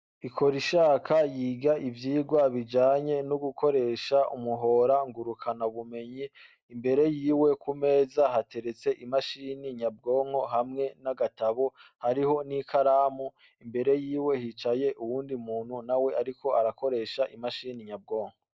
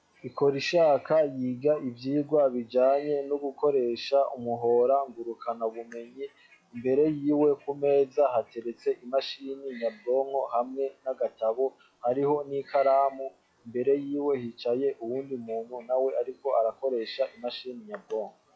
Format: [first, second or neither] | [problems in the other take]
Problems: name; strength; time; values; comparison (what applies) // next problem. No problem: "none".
first | noise reduction (classical method log-MMSE)